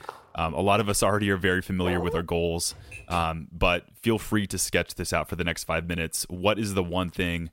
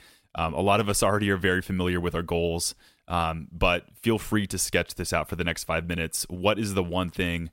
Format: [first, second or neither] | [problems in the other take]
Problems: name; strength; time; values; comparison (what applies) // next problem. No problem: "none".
second | footsteps; faint; at the start; peak 15 dB below the speech // dog barking; noticeable; at 2 s; peak 7 dB below the speech // keyboard typing; faint; at 2.5 s; peak 15 dB below the speech